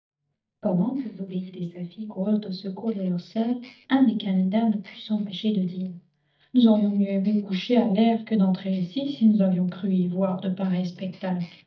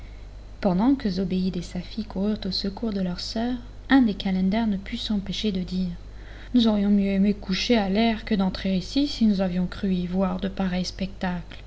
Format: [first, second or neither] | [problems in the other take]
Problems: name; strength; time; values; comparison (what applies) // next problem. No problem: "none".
second | noise reduction (neural mask model DeepFilterNet 3)